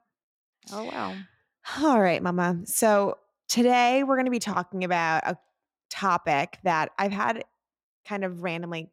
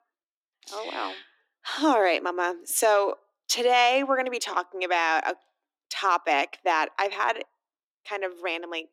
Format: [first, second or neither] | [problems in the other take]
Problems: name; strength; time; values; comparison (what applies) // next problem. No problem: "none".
first | thin; somewhat; fading below 300 Hz